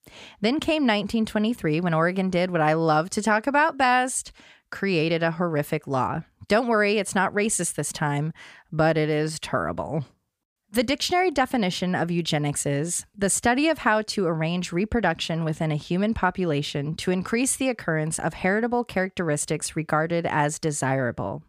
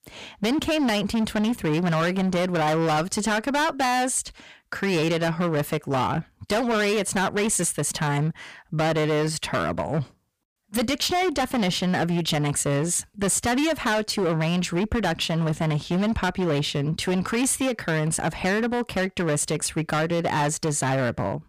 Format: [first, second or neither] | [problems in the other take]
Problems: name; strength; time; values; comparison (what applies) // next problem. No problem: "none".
first | distortion; heavy; 21% of the sound clipped